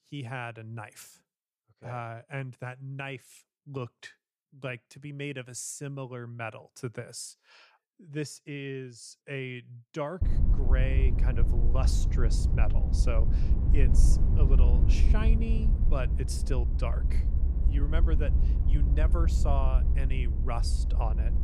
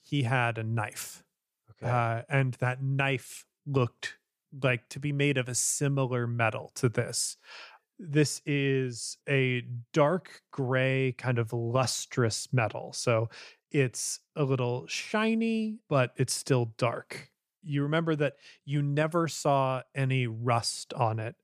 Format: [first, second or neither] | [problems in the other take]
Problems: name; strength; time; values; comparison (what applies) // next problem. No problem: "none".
second | low rumble; loud; from 10 s on; 5 dB below the speech